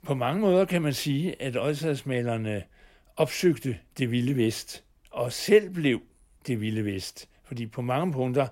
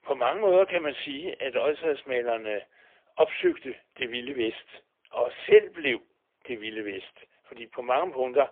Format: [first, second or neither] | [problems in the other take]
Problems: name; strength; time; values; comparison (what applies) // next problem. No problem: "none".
first | phone-call audio; poor line; nothing above 3.5 kHz